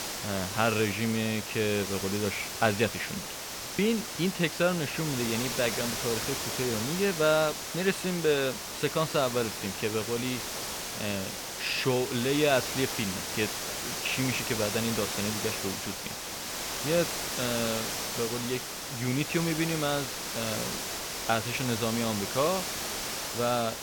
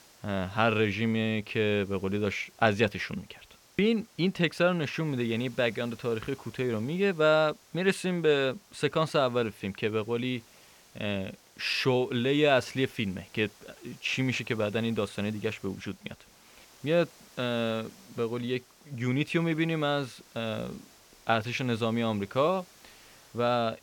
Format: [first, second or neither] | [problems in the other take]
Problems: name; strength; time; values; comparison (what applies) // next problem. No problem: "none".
second | hiss; loud; throughout; 3 dB below the speech; faint in the second